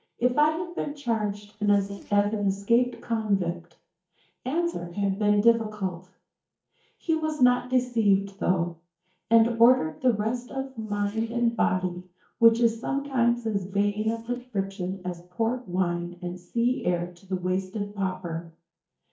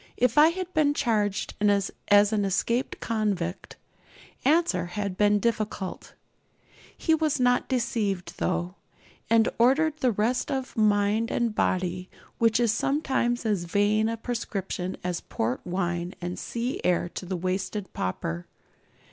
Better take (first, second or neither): second